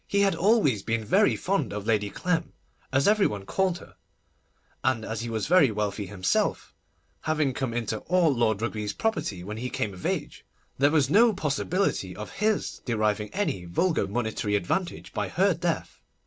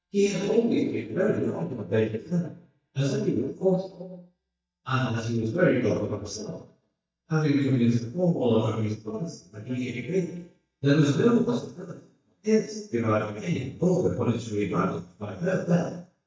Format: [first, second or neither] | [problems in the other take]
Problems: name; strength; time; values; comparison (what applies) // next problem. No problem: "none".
first | noise reduction (neural mask model DeepFilterNet 3)